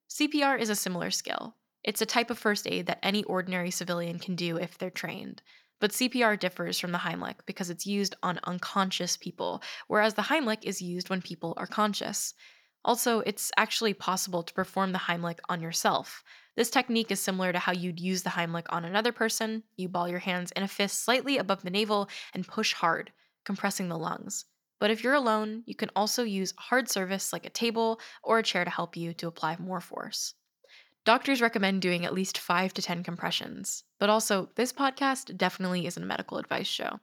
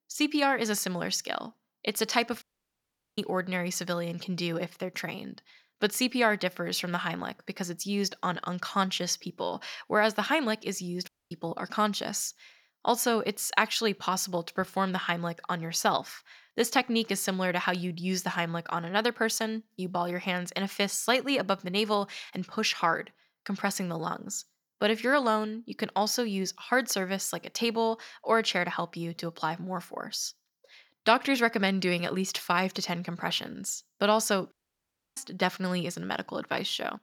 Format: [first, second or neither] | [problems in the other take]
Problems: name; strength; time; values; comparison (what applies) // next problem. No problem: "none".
first | audio cutting out; at 2.5 s for 1 s, at 11 s and at 35 s for 0.5 s